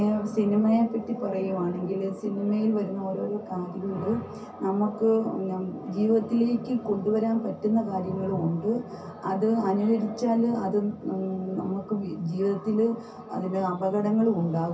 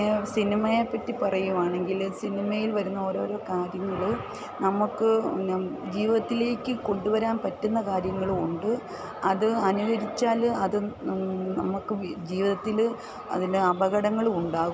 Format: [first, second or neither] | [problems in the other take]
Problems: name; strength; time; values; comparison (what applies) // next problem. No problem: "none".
second | room echo; dies away in 0.3 s